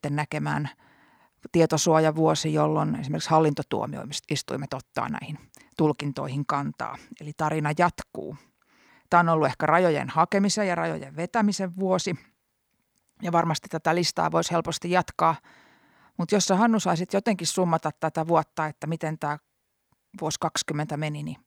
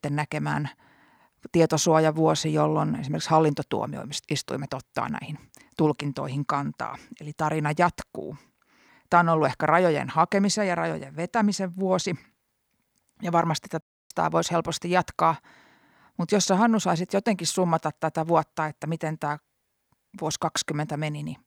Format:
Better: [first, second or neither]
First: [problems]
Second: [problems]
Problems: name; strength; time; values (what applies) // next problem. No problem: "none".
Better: first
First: none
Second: audio cutting out; at 14 s